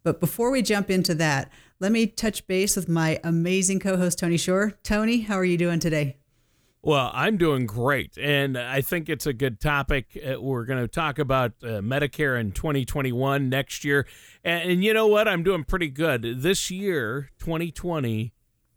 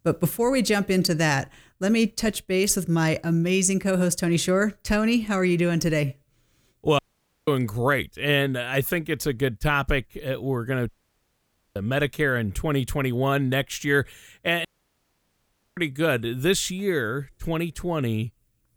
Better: first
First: none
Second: audio cutting out; at 7 s, at 11 s for 1 s and at 15 s for 1 s

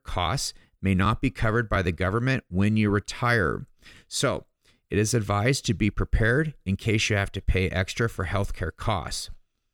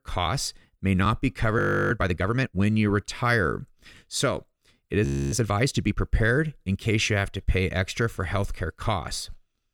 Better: first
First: none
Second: audio freezing; at 1.5 s and at 5 s

